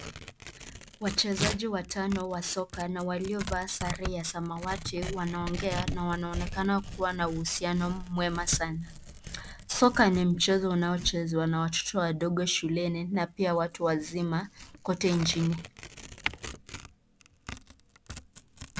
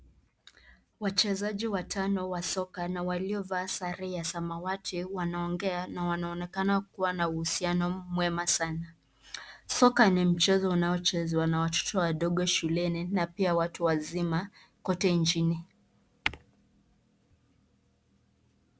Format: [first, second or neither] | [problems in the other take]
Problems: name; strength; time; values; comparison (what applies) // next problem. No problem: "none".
second | background sound (Tearing + Tearing); 10 dB below the speech